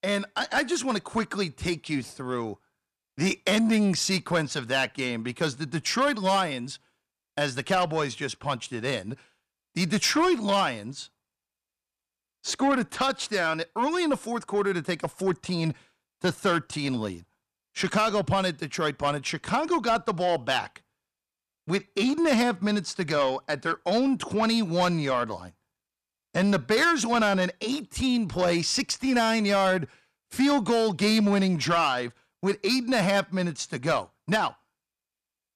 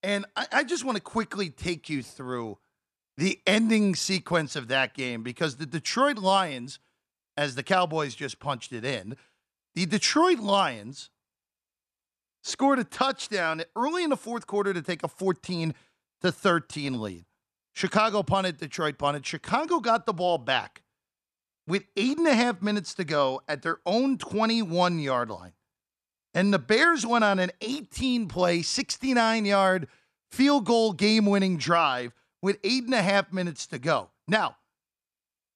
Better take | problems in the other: second | distortion; slight; 10 dB below the speech

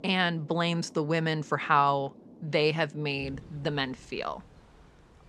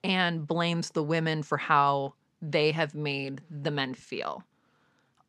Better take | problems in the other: second | rain or running water; faint; throughout; 25 dB below the speech

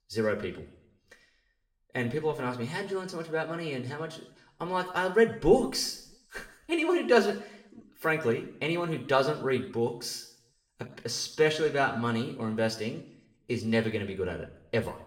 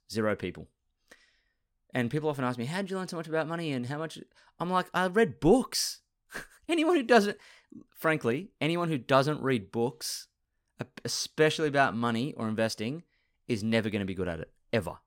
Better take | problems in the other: second | room echo; slight; dies away in 0.6 s // off-mic speech; somewhat distant

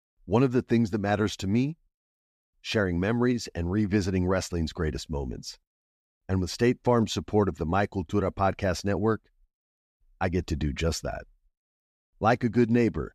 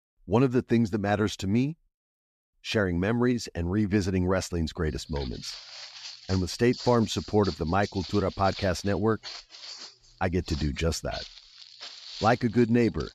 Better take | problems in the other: first | footsteps; faint; from 5 s on; peak 10 dB below the speech

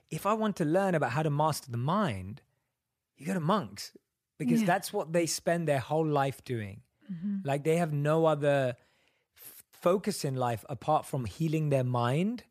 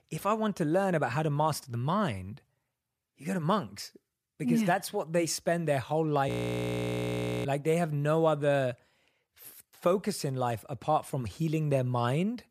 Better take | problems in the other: first | audio freezing; at 6.5 s for 1 s

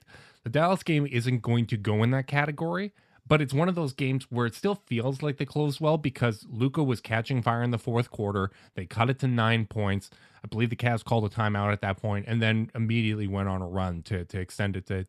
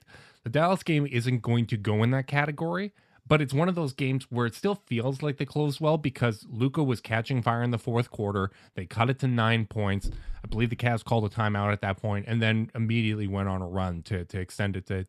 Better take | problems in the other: first | dog barking; faint; at 10 s; peak 10 dB below the speech

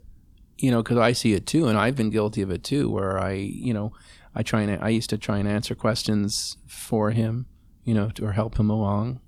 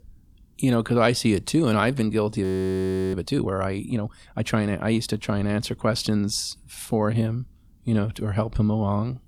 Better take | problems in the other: first | audio freezing; at 2.5 s for 0.5 s

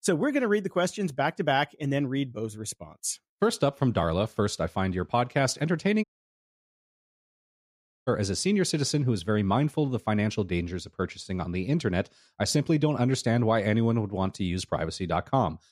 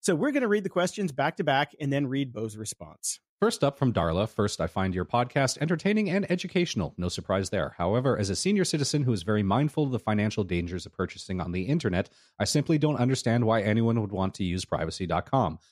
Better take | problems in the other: second | audio cutting out; at 6 s for 2 s

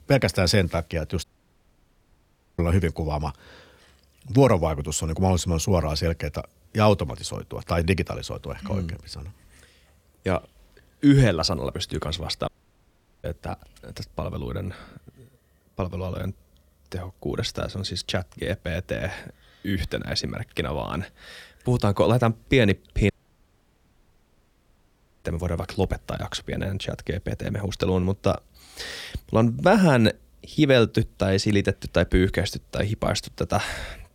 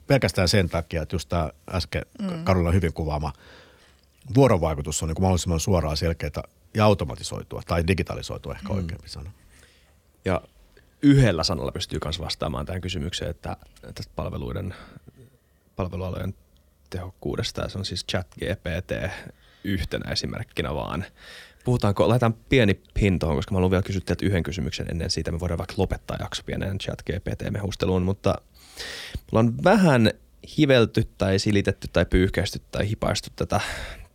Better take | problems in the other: second | audio cutting out; at 1 s for 1.5 s, at 12 s for 1 s and at 23 s for 2 s

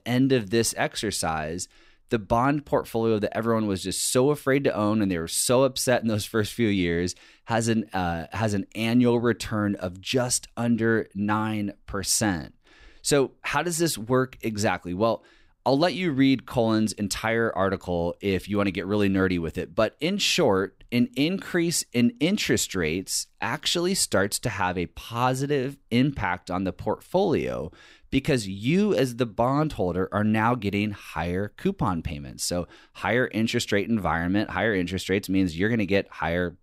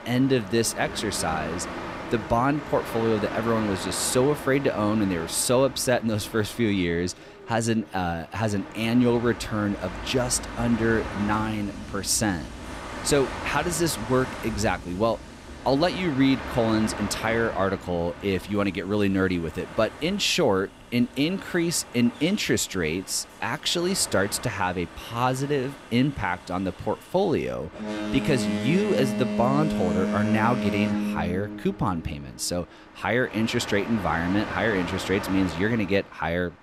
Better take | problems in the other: first | train or aircraft noise; loud; throughout; 8 dB below the speech

